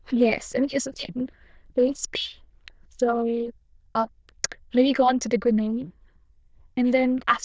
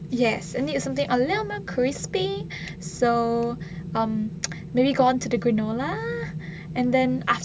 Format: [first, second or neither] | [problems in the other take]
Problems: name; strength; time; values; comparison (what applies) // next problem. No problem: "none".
second | noise reduction (neural diffusion model UNIVERSE++)